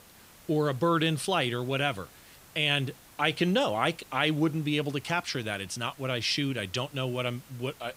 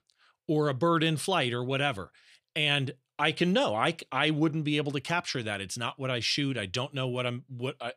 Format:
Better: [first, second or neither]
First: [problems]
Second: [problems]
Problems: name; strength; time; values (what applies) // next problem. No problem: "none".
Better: second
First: hiss; faint; throughout; 25 dB below the speech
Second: none